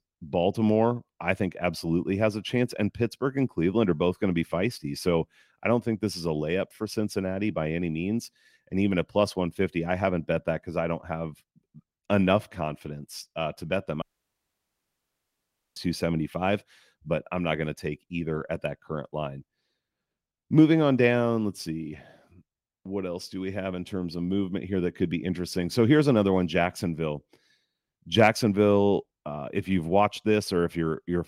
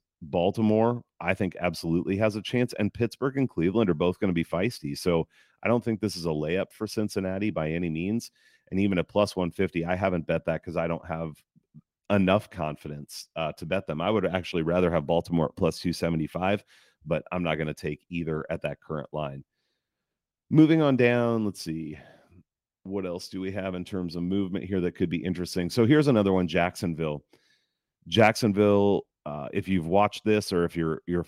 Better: second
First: audio cutting out; at 14 s for 1.5 s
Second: none

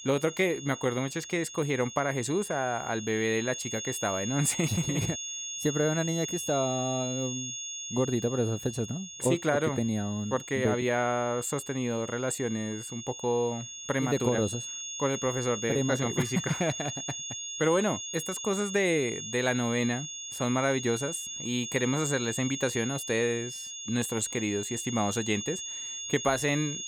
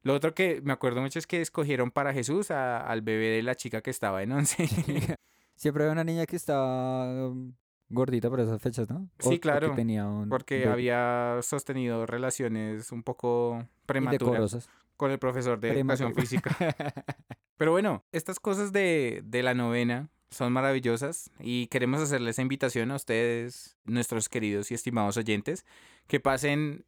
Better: second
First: high-pitched whine; loud; throughout; 6.5 kHz, 6 dB below the speech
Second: none

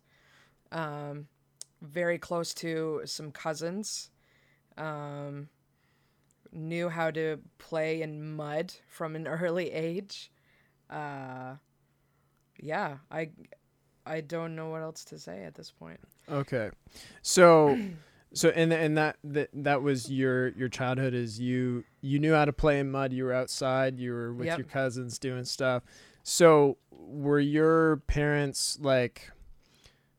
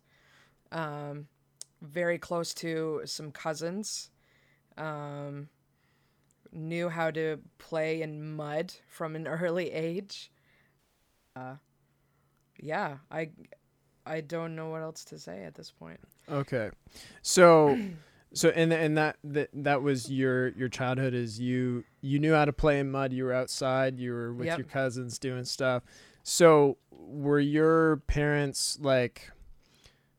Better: first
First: none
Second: audio cutting out; at 11 s for 0.5 s

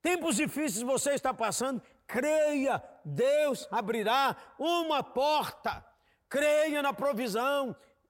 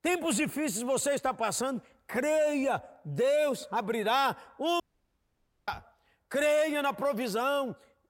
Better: first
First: none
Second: audio cutting out; at 5 s for 1 s

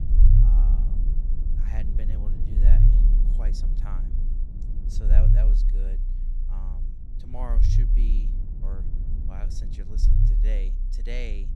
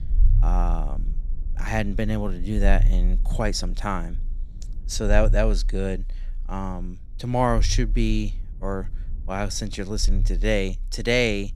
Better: second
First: low rumble; loud; throughout; as loud as the speech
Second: low rumble; faint; throughout; 25 dB below the speech

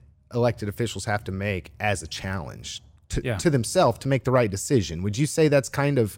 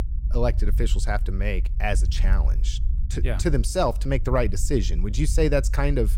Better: first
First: none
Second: low rumble; noticeable; throughout; 20 dB below the speech

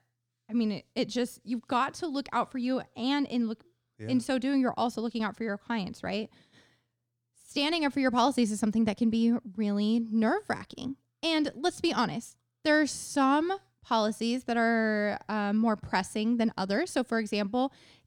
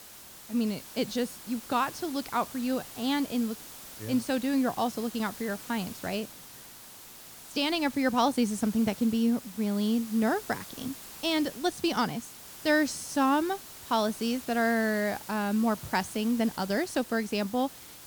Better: first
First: none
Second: hiss; noticeable; throughout; 15 dB below the speech

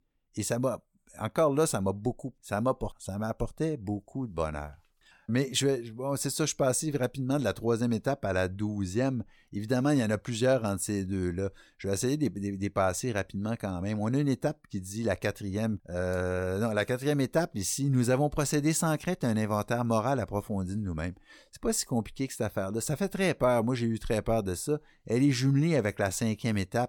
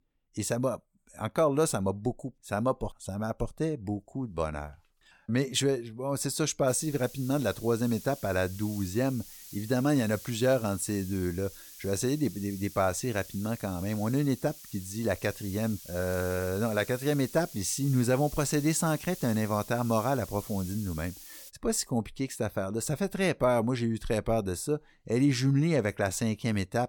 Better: first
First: none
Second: hiss; noticeable; from 6.5 to 22 s; 15 dB below the speech

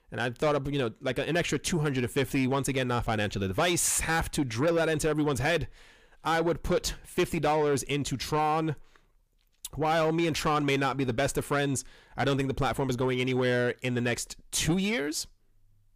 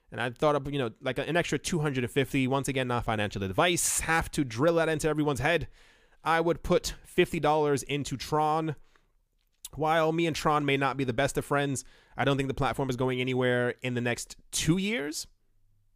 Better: second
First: distortion; slight; 10 dB below the speech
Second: none

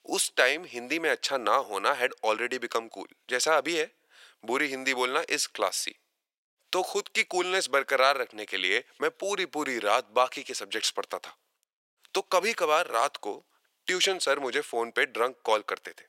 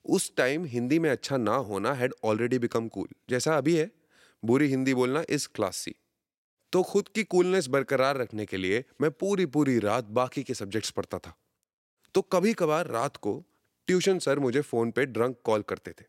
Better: second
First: thin; very; fading below 750 Hz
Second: none

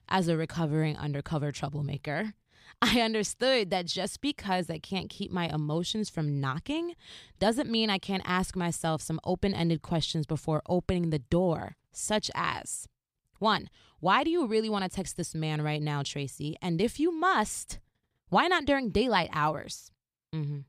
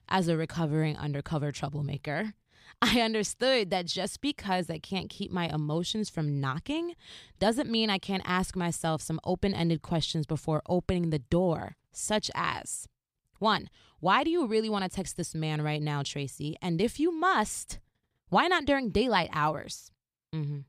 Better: neither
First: none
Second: none

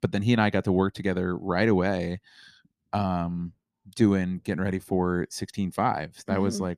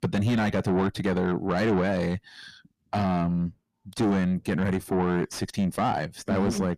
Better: first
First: none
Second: distortion; heavy; 6 dB below the speech

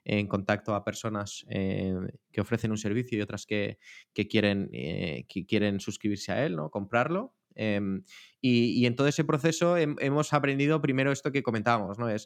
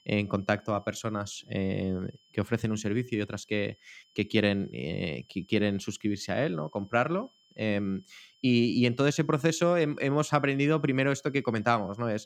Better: first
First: none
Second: high-pitched whine; faint; throughout; 3 kHz, 35 dB below the speech

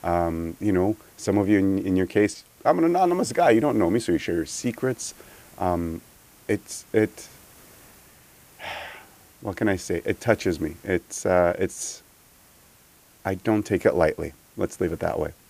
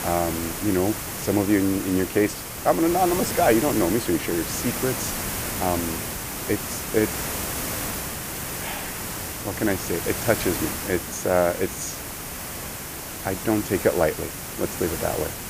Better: first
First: hiss; faint; throughout; 25 dB below the speech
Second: hiss; loud; throughout; 4 dB below the speech

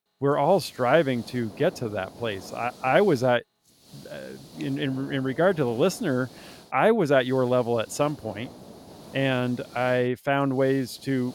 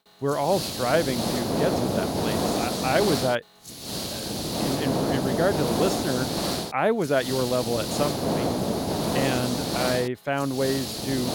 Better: first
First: hiss; faint; throughout; 20 dB below the speech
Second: hiss; loud; throughout; as loud as the speech

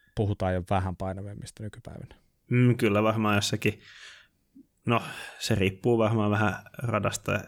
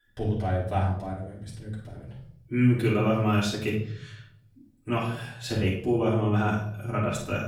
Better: first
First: none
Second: off-mic speech; far // room echo; noticeable; dies away in 0.7 s

